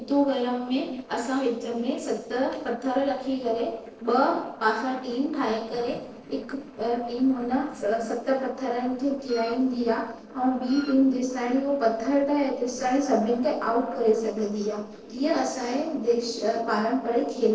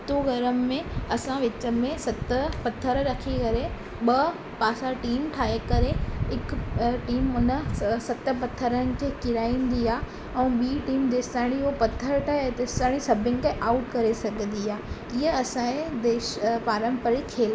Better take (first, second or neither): second